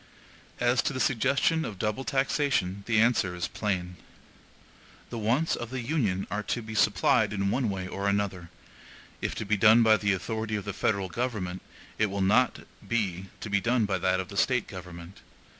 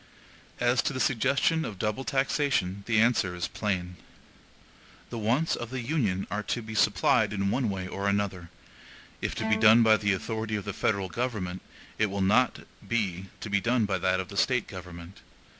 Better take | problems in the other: first | background sound (Bowed string instrument); 12 dB below the speech

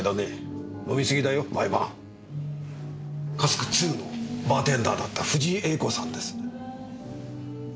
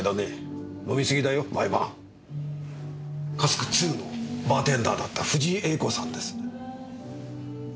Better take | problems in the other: second | background sound (Keyboard (musical)); 18 dB below the speech

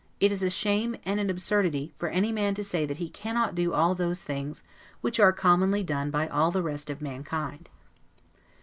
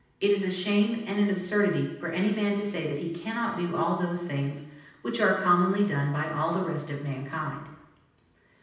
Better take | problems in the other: first | room echo; dies away in 0.9 s

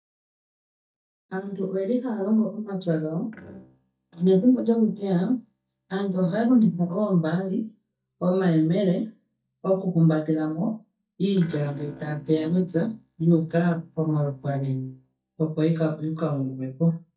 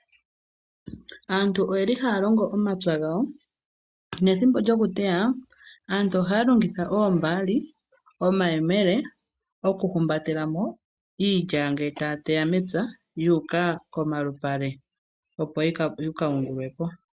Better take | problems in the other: second | noise reduction (neural mask model DeepFilterNet 3)

